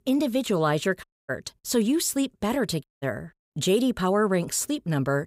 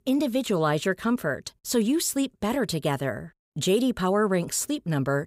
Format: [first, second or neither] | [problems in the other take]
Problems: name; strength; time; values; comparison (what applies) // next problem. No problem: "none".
second | audio cutting out; at 1 s and at 3 s